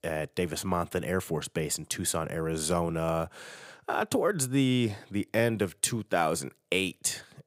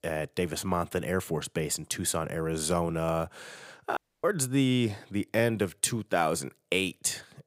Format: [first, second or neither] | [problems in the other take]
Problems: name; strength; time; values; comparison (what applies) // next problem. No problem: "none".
first | audio cutting out; at 4 s